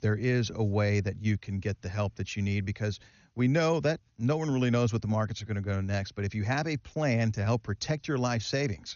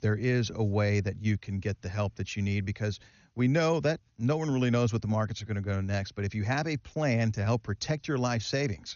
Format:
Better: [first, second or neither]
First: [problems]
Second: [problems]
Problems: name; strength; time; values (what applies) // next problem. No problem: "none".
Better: neither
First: garbled, watery; slightly; nothing above 6.5 kHz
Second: garbled, watery; slightly; nothing above 6.5 kHz